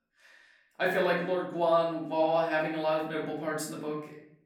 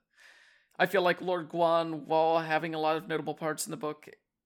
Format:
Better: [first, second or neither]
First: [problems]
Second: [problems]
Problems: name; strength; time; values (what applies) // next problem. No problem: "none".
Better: second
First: off-mic speech; far // room echo; noticeable; dies away in 0.7 s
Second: none